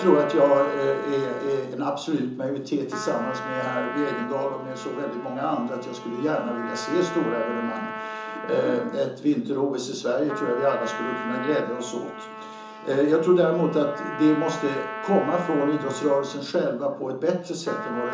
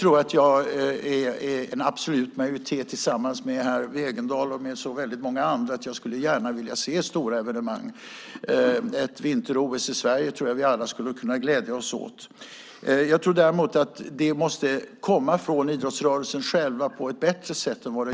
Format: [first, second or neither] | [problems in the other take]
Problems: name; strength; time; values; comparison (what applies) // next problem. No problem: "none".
second | background sound (Trumpet); 10 dB below the speech // room echo; dies away in 0.6 s